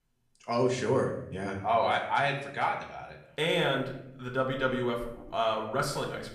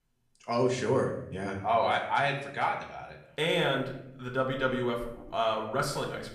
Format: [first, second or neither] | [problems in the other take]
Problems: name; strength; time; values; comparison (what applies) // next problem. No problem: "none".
neither | room echo; slight; dies away in 0.6 s; the same in both // off-mic speech; somewhat distant; the same in both